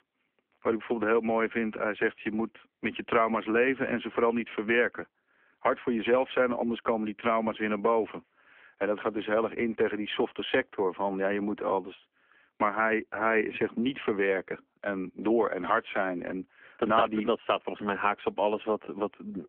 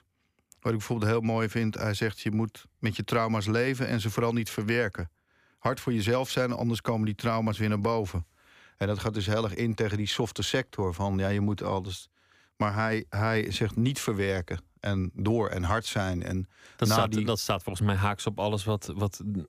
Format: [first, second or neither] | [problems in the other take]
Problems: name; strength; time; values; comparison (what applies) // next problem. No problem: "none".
second | phone-call audio; nothing above 3.5 kHz